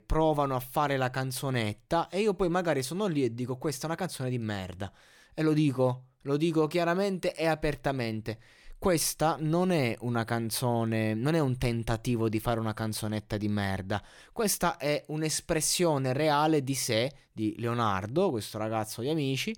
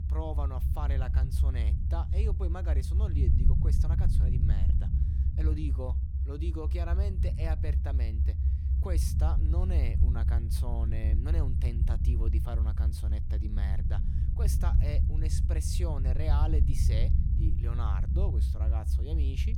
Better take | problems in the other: first | low rumble; loud; throughout; 3 dB below the speech

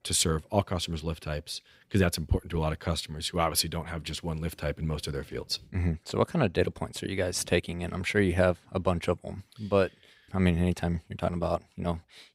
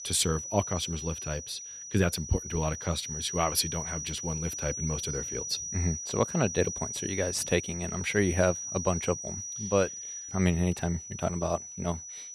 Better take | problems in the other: first | high-pitched whine; loud; throughout; 6 kHz, 5 dB below the speech

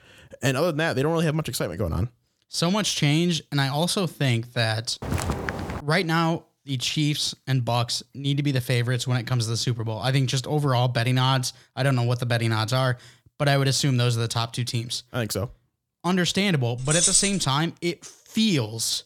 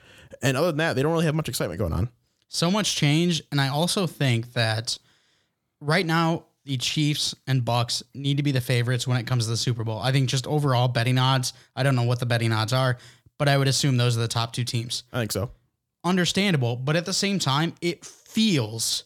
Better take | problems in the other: second | footsteps; noticeable; at 5 s; peak 3 dB below the speech // jangling keys; loud; at 17 s; peak 6 dB above the speech

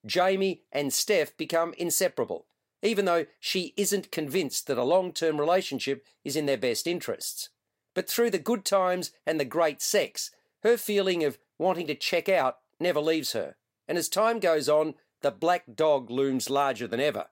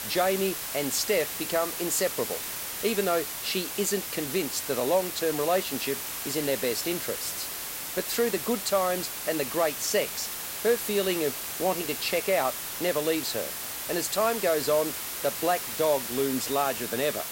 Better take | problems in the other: first | hiss; loud; throughout; 4 dB below the speech

